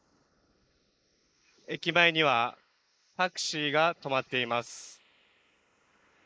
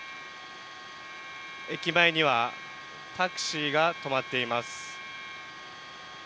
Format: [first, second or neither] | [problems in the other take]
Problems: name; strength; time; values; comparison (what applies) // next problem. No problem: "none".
second | noise reduction (neural mask model Resemble Enhance denoiser)